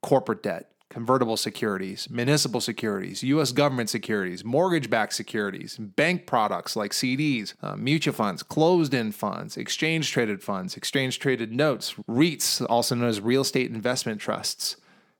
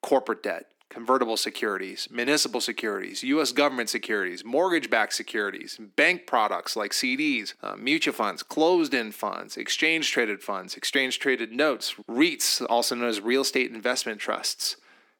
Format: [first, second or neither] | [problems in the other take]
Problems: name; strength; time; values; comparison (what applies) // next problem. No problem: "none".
first | thin; very slightly; fading below 300 Hz